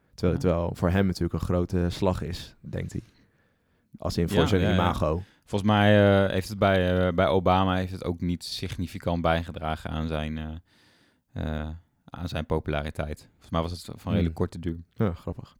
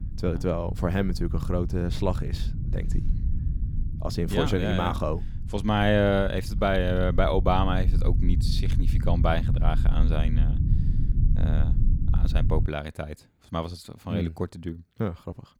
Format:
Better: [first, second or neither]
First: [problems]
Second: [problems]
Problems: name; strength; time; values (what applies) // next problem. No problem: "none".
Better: first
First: none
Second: low rumble; noticeable; until 13 s; 15 dB below the speech